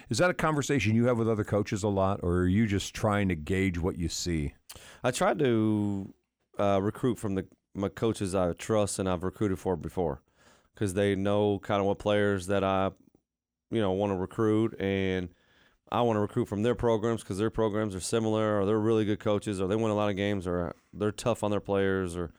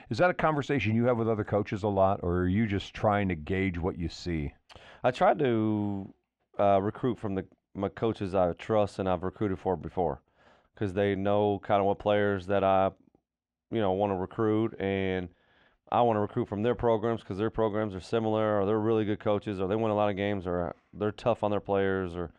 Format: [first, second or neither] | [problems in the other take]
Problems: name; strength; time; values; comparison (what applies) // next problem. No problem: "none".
first | muffled; slightly; fading above 3 kHz